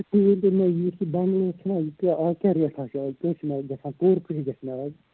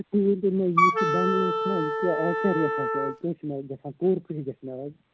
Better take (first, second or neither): first